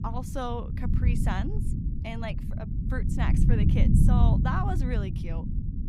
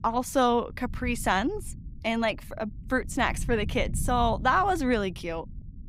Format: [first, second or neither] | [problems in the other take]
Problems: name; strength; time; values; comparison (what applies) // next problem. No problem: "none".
second | low rumble; loud; throughout; 3 dB below the speech; faint in the second